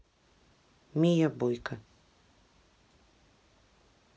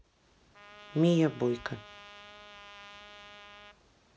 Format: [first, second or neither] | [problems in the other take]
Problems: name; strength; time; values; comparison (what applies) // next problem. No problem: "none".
first | background sound (Trumpet); 17 dB below the speech